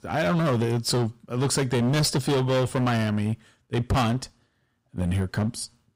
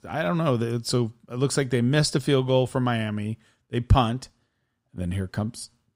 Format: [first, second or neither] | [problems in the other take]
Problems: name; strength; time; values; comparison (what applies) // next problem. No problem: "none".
second | distortion; heavy; 17% of the sound clipped